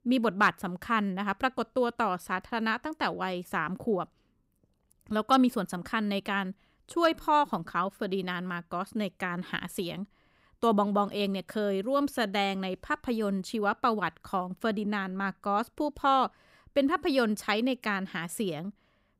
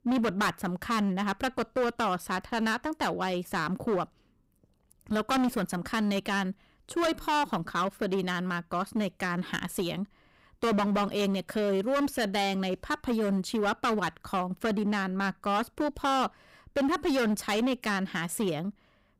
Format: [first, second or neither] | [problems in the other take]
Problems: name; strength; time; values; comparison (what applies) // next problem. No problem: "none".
first | distortion; heavy; 13% of the sound clipped